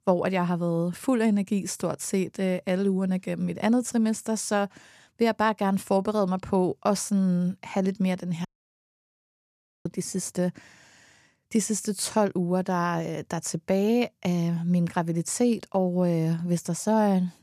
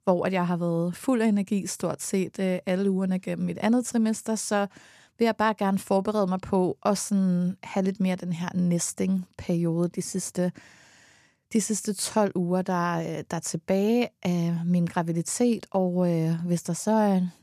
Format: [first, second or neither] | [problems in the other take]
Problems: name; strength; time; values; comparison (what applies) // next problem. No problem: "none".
second | audio cutting out; at 8.5 s for 1.5 s